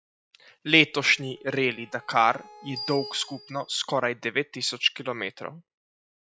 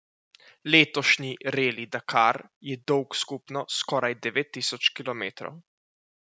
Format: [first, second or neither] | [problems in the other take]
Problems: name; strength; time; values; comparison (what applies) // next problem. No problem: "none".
second | noise reduction (classical method log-MMSE)